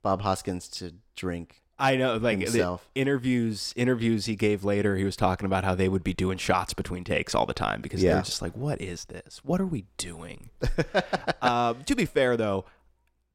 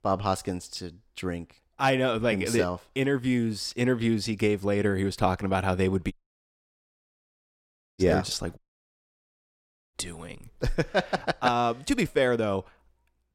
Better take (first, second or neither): first